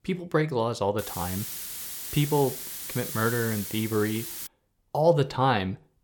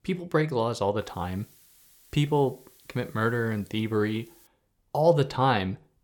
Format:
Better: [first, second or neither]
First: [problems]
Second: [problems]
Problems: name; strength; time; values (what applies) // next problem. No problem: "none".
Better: second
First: hiss; loud; from 1 to 4.5 s; 7 dB below the speech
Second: hiss; faint; from 1 to 4.5 s; 30 dB below the speech